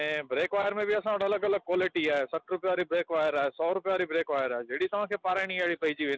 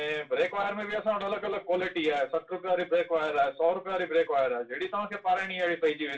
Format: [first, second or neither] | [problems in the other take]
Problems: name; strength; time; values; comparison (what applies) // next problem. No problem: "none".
first | room echo; dies away in 0.2 s